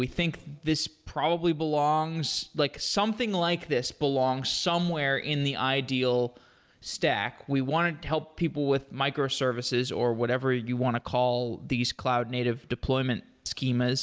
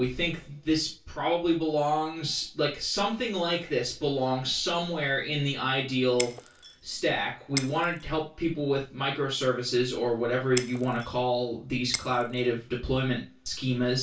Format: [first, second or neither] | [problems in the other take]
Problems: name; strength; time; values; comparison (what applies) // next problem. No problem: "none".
first | background sound (Shatter); 12 dB below the speech // room echo; dies away in 0.2 s